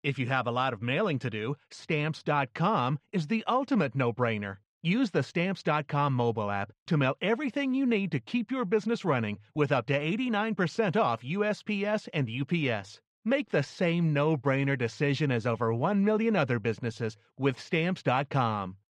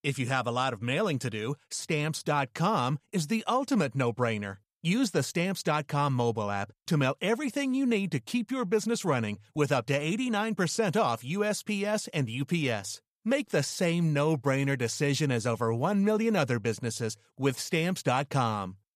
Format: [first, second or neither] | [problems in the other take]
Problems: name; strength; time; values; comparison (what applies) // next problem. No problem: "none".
second | muffled; slightly; fading above 3 kHz